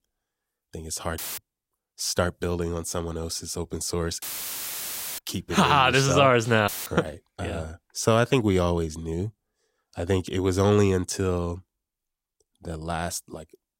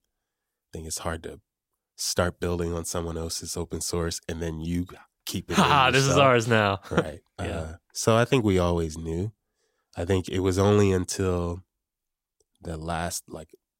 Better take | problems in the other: second | audio cutting out; filled with static; at 1 s, at 4 s for 1 s and at 6.5 s

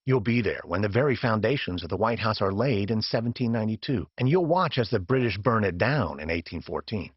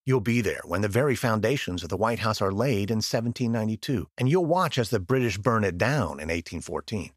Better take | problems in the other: second | garbled, watery; badly; nothing above 5.5 kHz

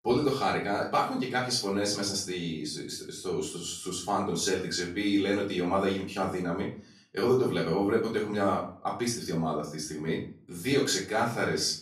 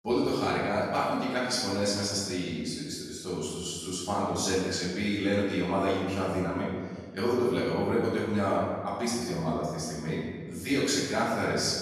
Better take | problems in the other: first | room echo; strong; dies away in 1.5 s; slight in the first // off-mic speech; far; far in the first

